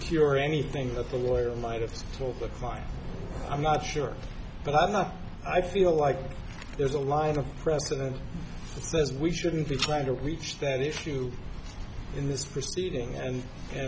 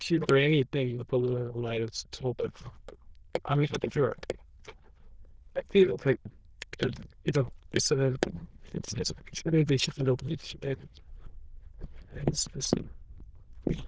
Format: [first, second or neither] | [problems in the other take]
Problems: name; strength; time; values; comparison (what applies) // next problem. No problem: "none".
first | noise reduction (neural diffusion model UNIVERSE++)